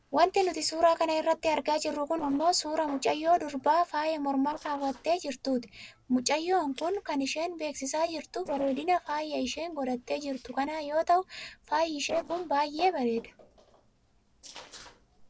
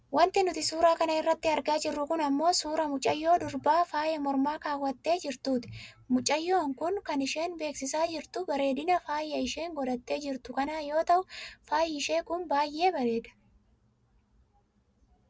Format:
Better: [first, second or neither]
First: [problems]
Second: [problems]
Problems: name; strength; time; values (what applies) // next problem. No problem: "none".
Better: second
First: noise reduction (neural separator model SepFormer DNS4)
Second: none